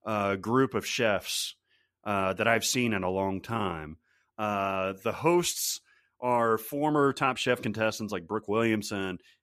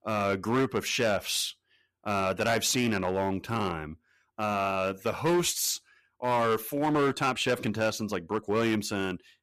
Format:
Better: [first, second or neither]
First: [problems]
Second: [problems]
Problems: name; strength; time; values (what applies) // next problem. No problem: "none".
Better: first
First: none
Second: distortion; slight; 7% of the sound clipped